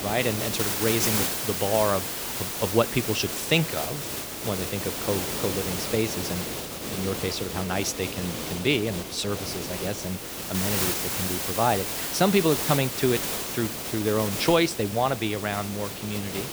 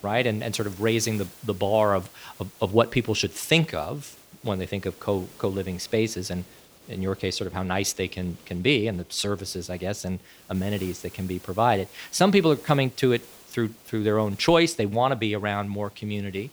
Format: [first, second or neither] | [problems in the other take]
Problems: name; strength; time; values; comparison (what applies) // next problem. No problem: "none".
second | hiss; loud; throughout; 2 dB below the speech; faint in the second